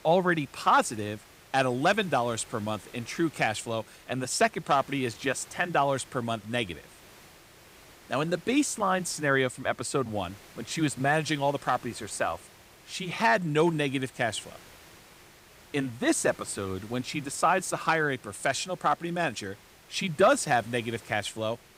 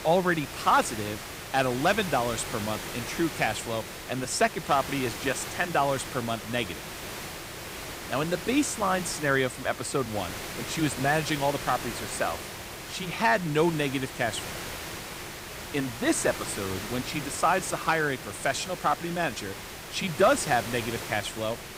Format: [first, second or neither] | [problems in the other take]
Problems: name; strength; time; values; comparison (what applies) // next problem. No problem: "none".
first | hiss; loud; throughout; 8 dB below the speech; faint in the first